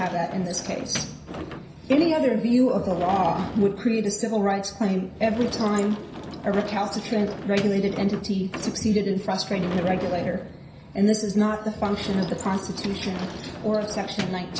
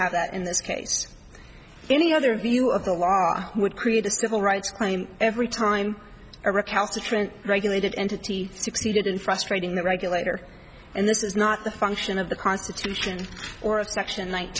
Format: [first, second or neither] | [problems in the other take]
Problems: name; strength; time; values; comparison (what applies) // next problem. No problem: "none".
second | background sound (Sliding door / Slam); 12 dB below the speech // room echo; dies away in 0.5 s